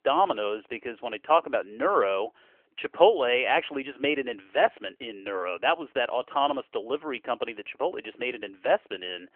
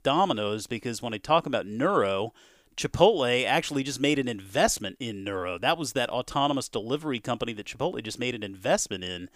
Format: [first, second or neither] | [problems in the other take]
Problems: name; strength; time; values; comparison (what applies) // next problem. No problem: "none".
second | phone-call audio; nothing above 3 kHz